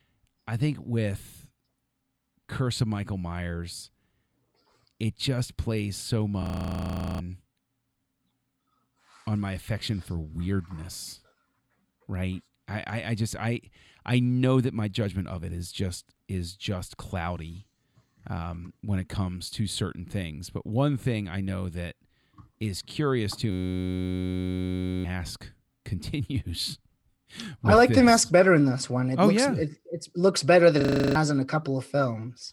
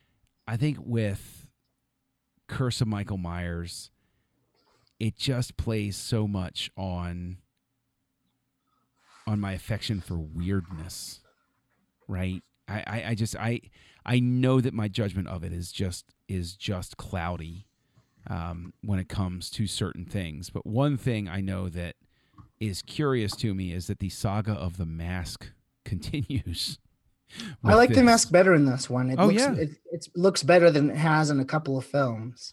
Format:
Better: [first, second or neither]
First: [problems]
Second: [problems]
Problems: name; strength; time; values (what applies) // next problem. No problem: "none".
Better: second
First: audio freezing; at 6.5 s for 1 s, at 24 s for 1.5 s and at 31 s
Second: none